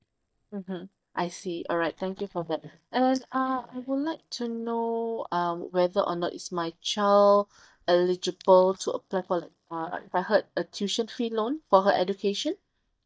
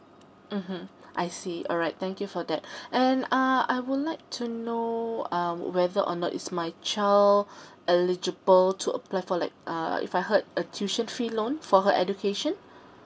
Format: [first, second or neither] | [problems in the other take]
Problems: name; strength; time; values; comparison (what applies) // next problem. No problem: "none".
second | noise reduction (neural mask model DeepFilterNet 3)